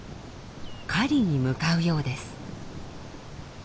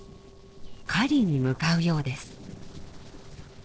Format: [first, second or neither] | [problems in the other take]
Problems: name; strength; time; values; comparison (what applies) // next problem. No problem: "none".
first | noise reduction (neural separator model SepFormer DNS4)